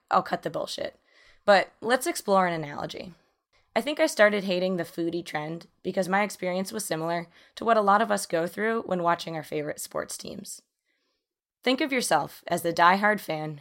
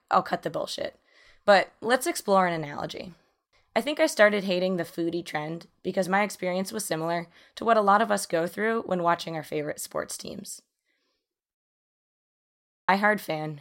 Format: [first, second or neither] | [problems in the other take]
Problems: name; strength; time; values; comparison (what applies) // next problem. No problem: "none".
first | audio cutting out; at 12 s for 1.5 s